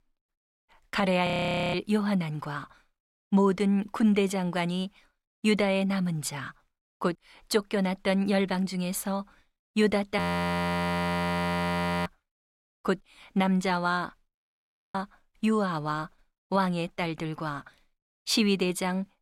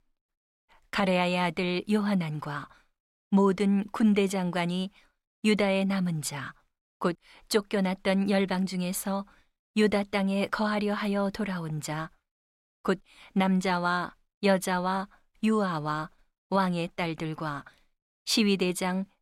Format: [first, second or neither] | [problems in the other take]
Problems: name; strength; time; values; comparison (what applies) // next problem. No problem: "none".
second | audio freezing; at 1.5 s, at 10 s for 2 s and at 14 s for 0.5 s